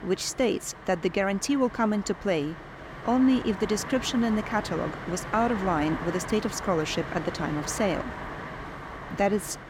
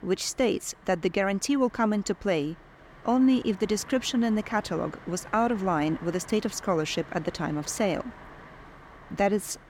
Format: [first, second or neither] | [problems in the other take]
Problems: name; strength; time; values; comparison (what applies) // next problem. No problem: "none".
second | wind noise on the microphone; heavy; 8 dB below the speech; occasional gusts in the second